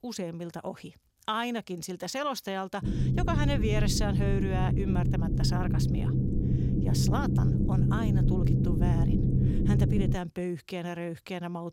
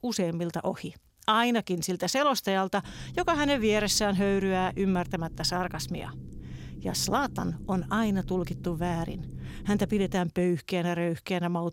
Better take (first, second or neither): second